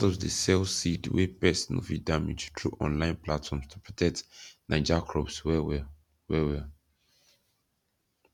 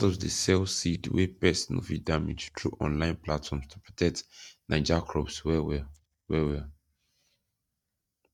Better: first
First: none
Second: noise reduction (neural mask model DeepFilterNet 3)

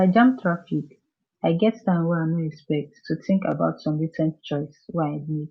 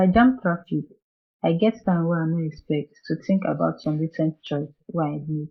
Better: first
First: none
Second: noise reduction (neural mask model Resemble Enhance denoiser)

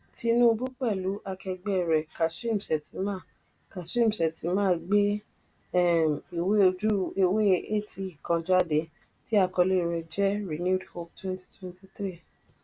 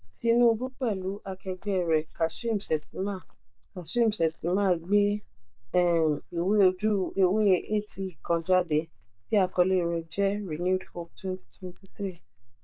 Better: first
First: none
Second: noise reduction (neural mask model DeepFilterNet 3)

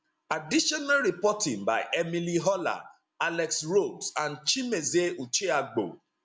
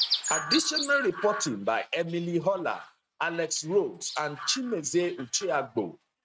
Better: first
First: none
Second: noise reduction (neural mask model RNNoise)

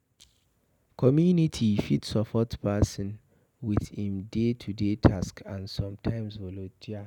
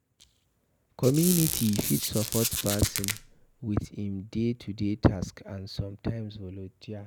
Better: first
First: none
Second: background sound (Squeak); 3 dB below the speech

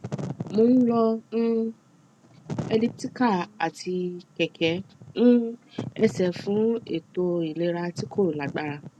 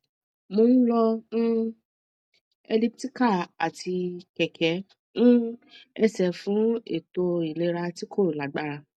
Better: second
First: background sound (Wind / Fire); 14 dB below the speech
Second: none

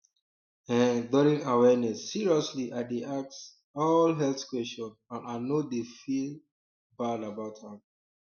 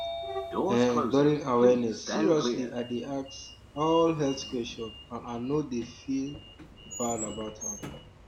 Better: first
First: none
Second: background sound (Sliding door); 7 dB below the speech

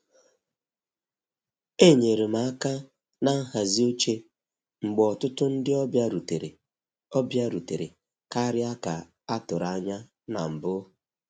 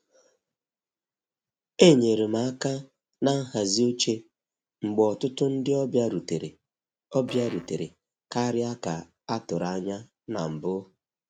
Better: first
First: none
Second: background sound (Fart); 16 dB below the speech

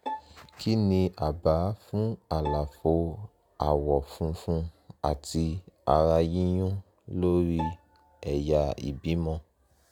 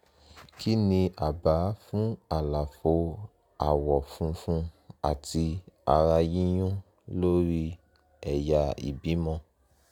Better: second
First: background sound (Bowed string instrument); 14 dB below the speech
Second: none

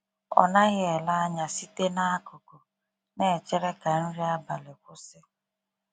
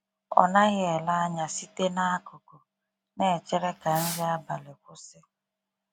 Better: first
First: none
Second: background sound (Fireworks); 12 dB below the speech

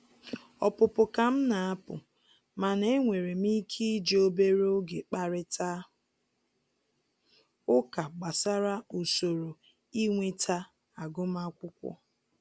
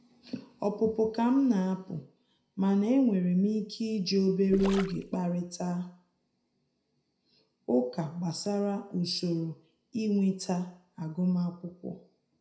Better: first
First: none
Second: background sound (Gurgling); 11 dB below the speech // room echo; dies away in 0.4 s

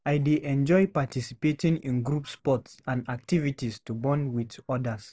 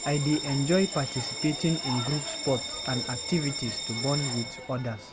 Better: first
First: none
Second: background sound (Bell); 5 dB below the speech

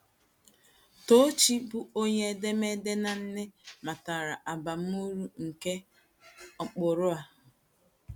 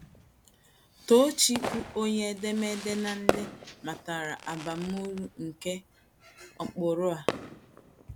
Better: first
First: none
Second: background sound (Fireworks); 8 dB below the speech

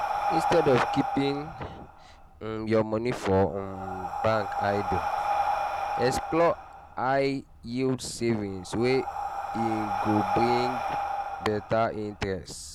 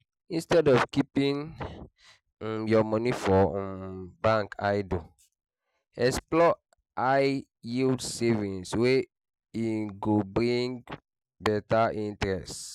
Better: second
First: background sound (Breathing); 3 dB below the speech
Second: none

